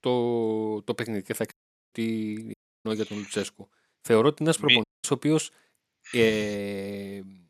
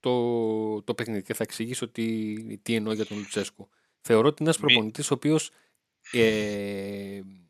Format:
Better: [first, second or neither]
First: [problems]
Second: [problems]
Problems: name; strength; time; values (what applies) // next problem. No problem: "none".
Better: second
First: audio cutting out; at 1.5 s, at 2.5 s and at 5 s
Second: none